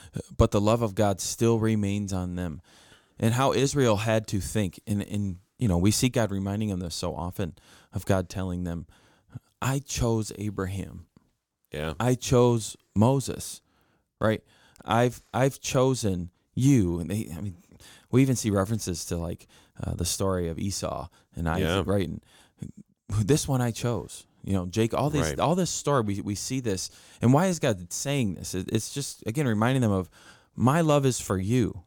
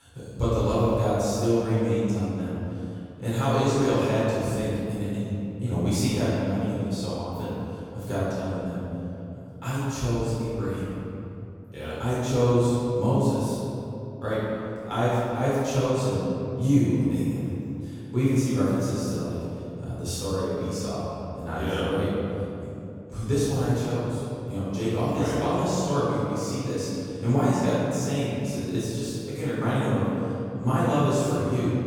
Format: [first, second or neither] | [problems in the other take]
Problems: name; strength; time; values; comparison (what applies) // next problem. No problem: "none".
first | off-mic speech; far // room echo; strong; dies away in 2.5 s